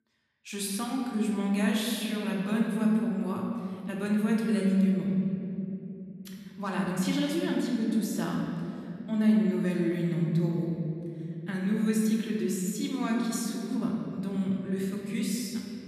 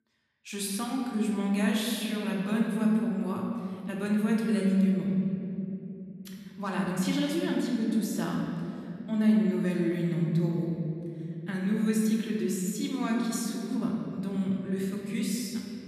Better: neither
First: room echo; noticeable; dies away in 2.8 s // off-mic speech; far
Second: room echo; noticeable; dies away in 2.8 s // off-mic speech; far

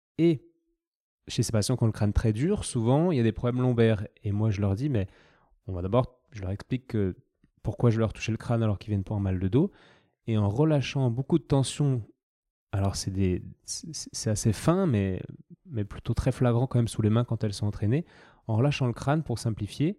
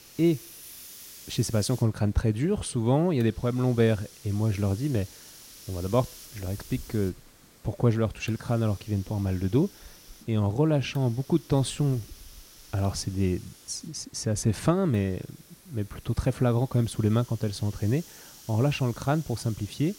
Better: first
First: none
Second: hiss; noticeable; throughout; 20 dB below the speech

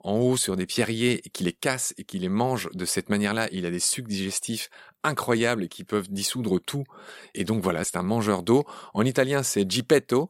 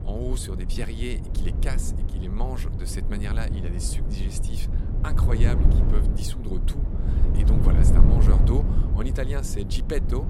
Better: first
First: none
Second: low rumble; loud; throughout; 2 dB below the speech

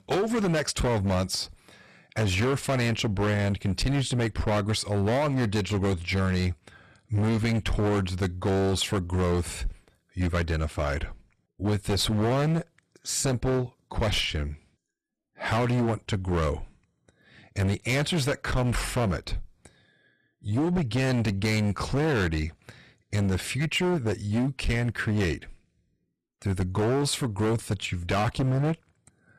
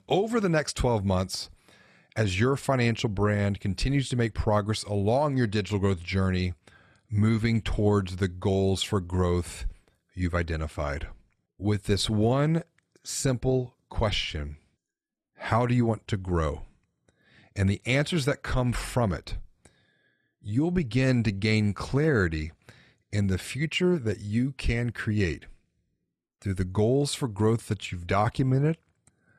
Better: second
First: distortion; heavy; 18% of the sound clipped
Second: none

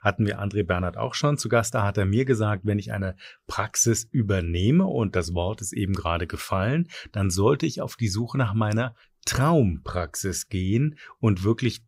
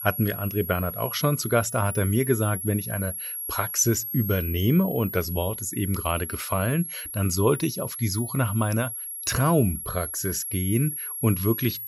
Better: first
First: none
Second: high-pitched whine; loud; throughout; 11.5 kHz, 6 dB below the speech

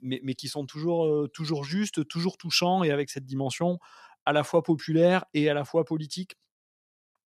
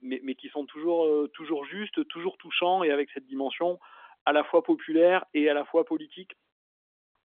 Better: first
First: none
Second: phone-call audio; nothing above 3.5 kHz

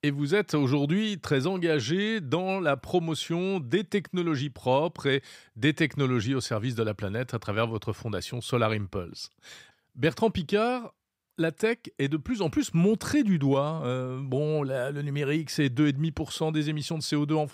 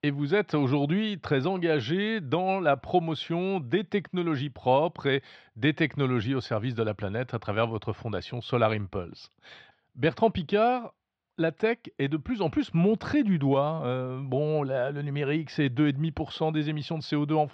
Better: first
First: none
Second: muffled; slightly; fading above 4 kHz

